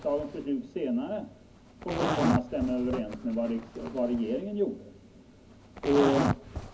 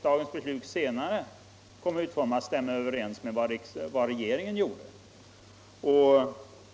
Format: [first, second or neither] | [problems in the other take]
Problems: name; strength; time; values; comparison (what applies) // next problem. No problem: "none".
second | background sound (Zipper (clothing)); 5 dB below the speech // room echo; dies away in 0.4 s